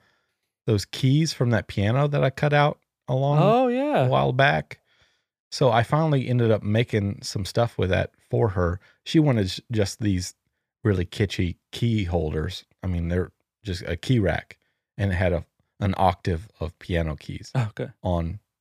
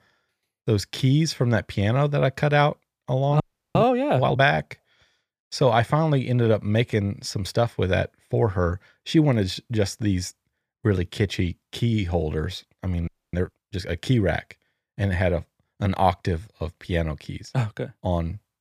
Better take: first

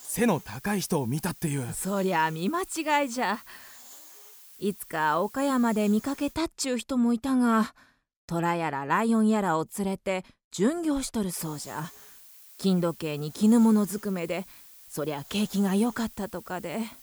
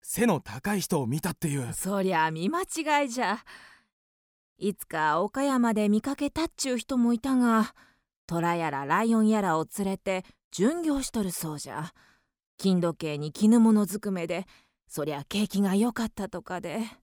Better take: second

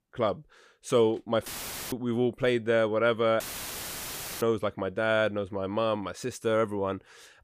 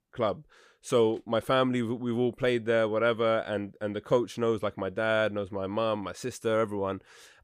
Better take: second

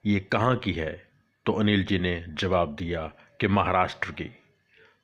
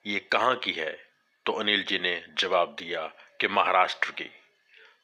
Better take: first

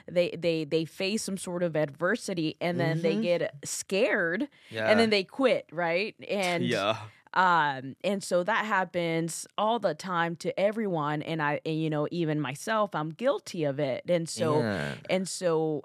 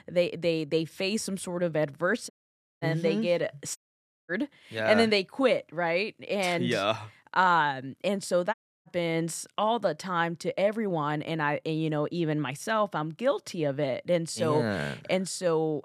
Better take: first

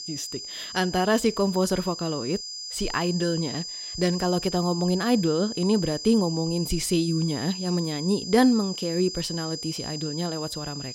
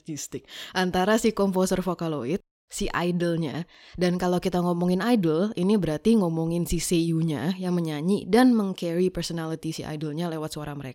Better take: second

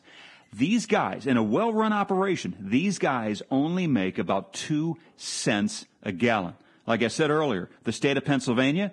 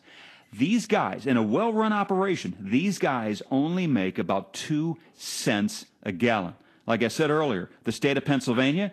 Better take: second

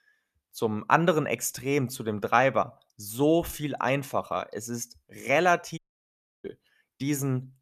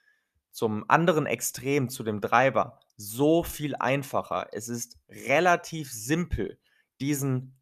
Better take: second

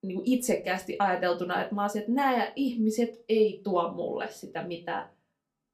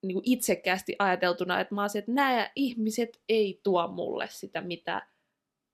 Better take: second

